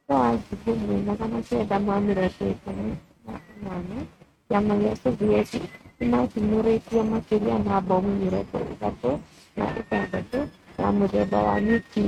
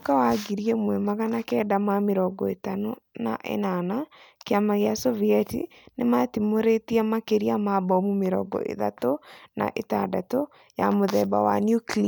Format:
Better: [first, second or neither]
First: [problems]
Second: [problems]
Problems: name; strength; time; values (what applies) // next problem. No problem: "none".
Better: second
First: noise reduction (neural mask model RNNoise)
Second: none